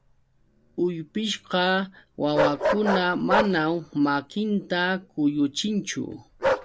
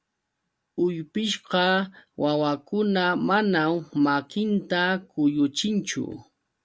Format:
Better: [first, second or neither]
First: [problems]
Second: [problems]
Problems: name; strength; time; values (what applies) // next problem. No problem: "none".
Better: second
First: background sound (Bark); 5 dB below the speech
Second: none